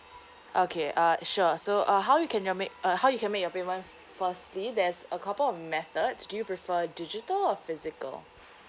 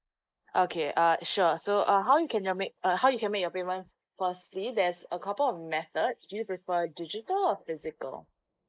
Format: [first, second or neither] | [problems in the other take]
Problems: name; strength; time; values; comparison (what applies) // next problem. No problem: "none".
first | noise reduction (neural mask model Resemble Enhance denoiser)